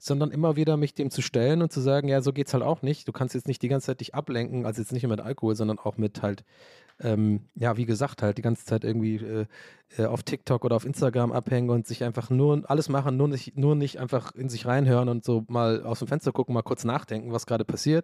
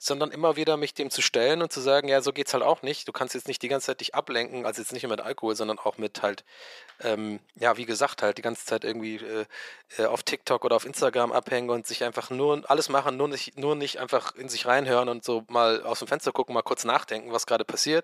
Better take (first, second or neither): first